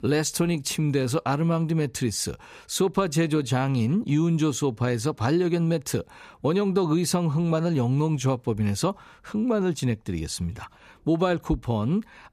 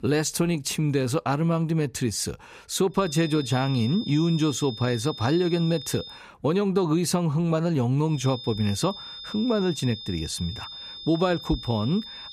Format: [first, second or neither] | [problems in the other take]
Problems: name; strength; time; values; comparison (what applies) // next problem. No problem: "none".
first | high-pitched whine; noticeable; from 3 to 6 s and from 8 s on; 3.5 kHz, 10 dB below the speech